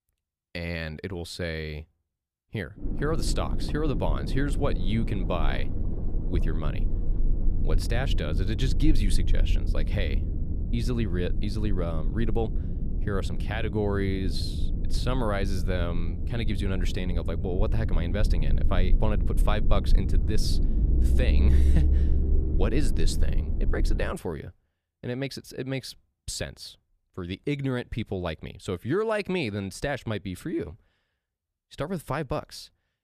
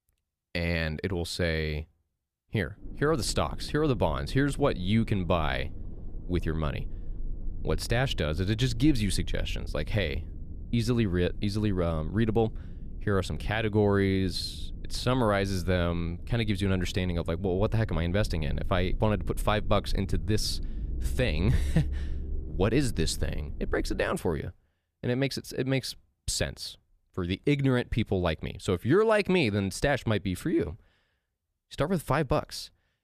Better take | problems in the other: second | low rumble; loud; from 3 to 24 s; 9 dB below the speech; faint in the second

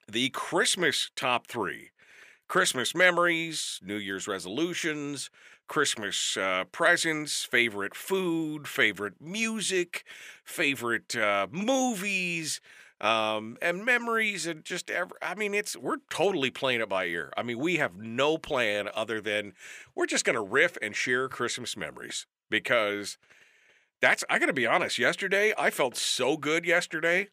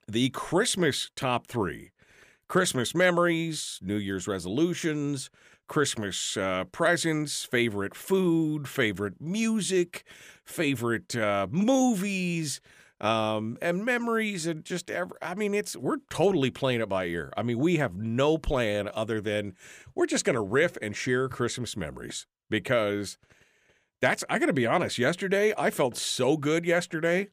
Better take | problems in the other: second | thin; somewhat; fading below 450 Hz

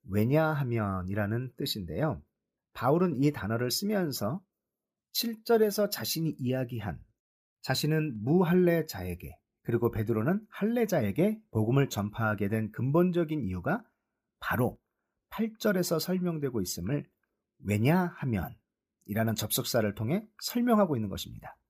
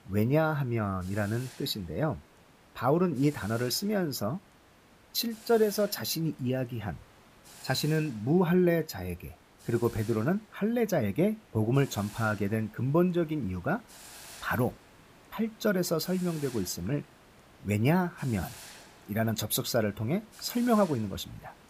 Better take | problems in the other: first | hiss; faint; throughout; 20 dB below the speech

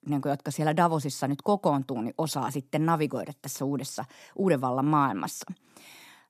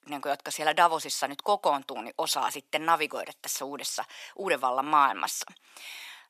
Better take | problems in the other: first | thin; very; fading below 700 Hz

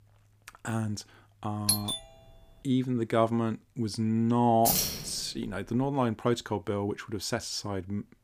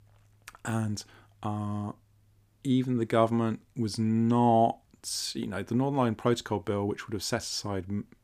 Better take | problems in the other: second | doorbell; loud; at 1.5 s; peak 3 dB above the speech // jangling keys; loud; at 4.5 s; peak 4 dB above the speech

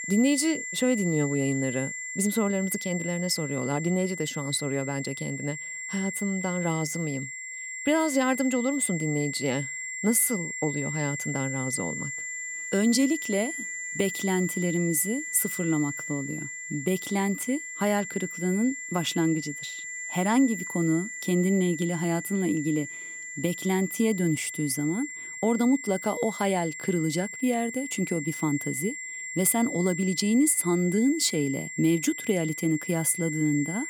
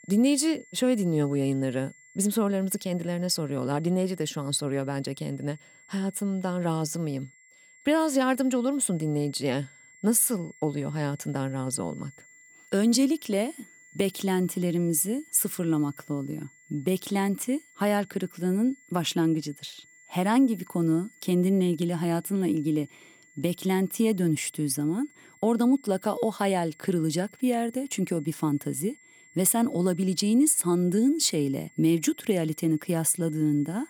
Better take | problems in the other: second | high-pitched whine; loud; throughout; 2 kHz, 7 dB below the speech; faint in the second

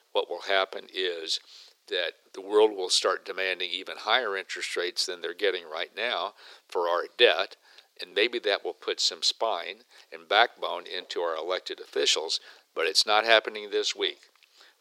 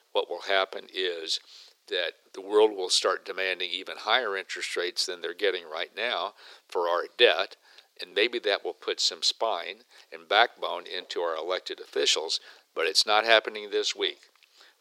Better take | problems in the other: neither | thin; very; fading below 400 Hz; the same in both

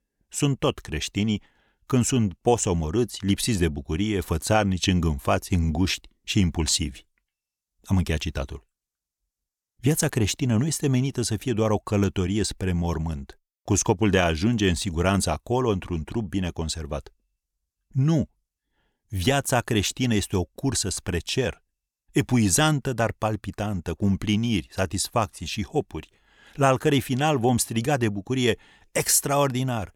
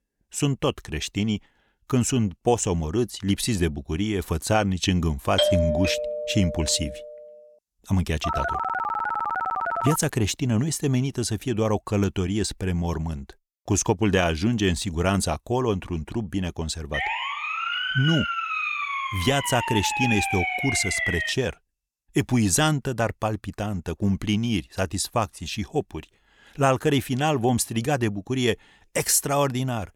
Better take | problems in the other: first | doorbell; loud; from 5.5 to 7 s; peak 3 dB above the speech // phone ringing; noticeable; from 8 to 10 s; peak 1 dB below the speech // siren; loud; from 17 to 21 s; peak 1 dB above the speech

